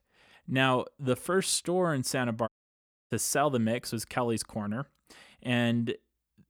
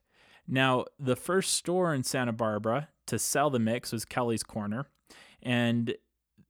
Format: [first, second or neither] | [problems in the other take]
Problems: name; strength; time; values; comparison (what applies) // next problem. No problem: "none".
second | audio cutting out; at 2.5 s for 0.5 s